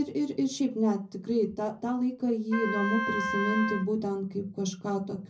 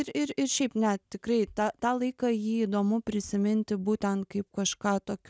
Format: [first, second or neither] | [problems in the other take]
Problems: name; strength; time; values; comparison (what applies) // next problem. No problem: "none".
second | background sound (Wind instrument, woodwind instrument); 5 dB below the speech // room echo; dies away in 0.4 s